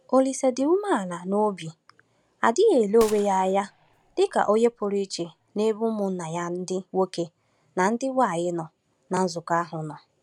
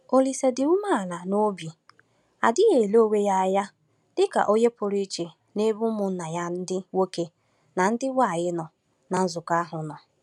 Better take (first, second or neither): second